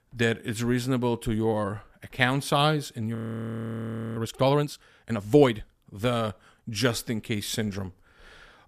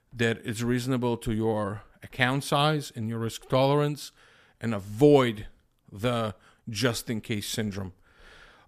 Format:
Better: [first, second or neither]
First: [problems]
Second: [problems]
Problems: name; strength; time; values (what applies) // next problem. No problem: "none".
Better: second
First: audio freezing; at 3 s for 1 s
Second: none